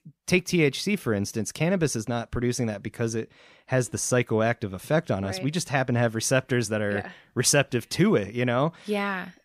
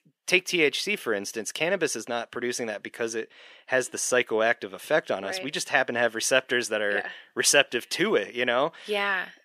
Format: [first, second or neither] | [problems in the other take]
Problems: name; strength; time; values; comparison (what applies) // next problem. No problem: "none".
first | thin; somewhat; fading below 450 Hz